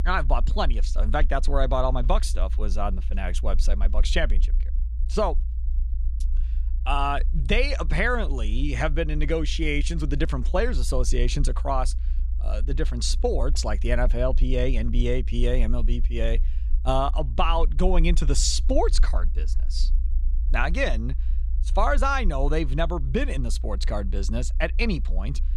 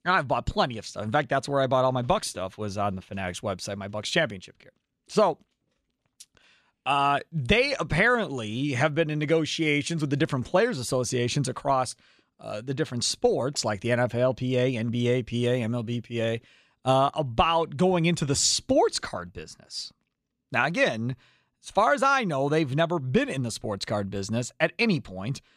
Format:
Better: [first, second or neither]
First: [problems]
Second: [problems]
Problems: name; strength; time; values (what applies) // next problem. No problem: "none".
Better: second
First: low rumble; faint; throughout; 25 dB below the speech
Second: none